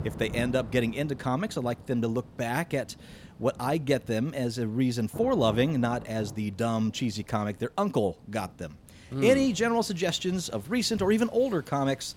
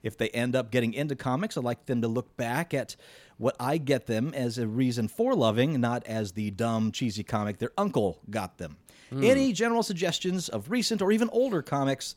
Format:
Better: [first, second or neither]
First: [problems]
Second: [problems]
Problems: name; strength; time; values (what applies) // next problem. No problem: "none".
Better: second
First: rain or running water; noticeable; throughout; 20 dB below the speech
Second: none